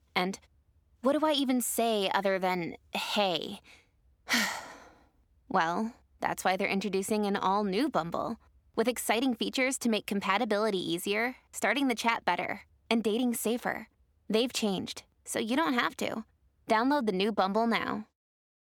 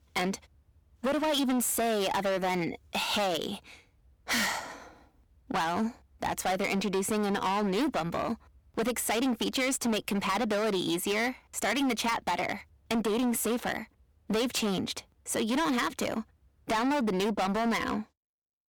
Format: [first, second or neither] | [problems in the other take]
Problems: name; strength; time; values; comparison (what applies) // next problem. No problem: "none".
first | distortion; heavy; 19% of the sound clipped